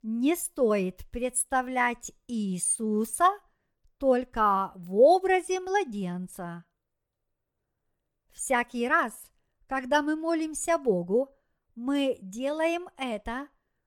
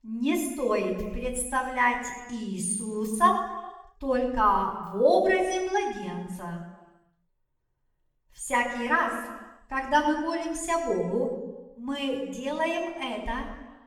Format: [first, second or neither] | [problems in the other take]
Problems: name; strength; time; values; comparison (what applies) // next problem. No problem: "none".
first | room echo; noticeable; dies away in 1.1 s // off-mic speech; far